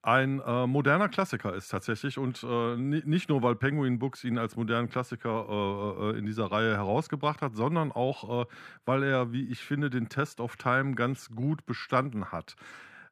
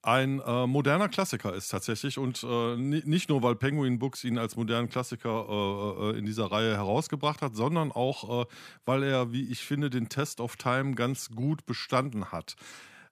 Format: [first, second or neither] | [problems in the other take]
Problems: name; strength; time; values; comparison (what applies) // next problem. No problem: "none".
second | muffled; slightly; fading above 3.5 kHz